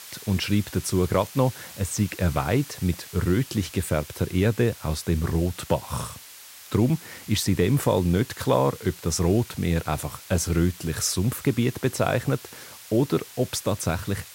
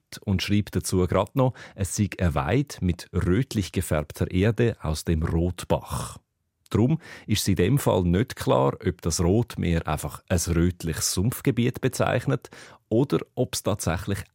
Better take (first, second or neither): second